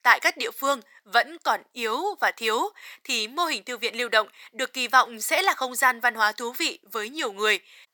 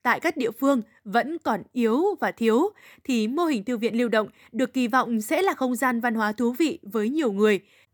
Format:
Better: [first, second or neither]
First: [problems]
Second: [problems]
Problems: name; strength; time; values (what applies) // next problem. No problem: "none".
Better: second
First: thin; very; fading below 900 Hz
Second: none